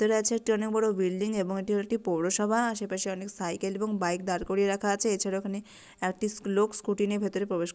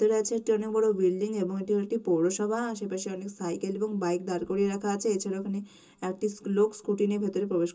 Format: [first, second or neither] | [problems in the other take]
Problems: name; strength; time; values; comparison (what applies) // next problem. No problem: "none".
first | room echo; dies away in 0.2 s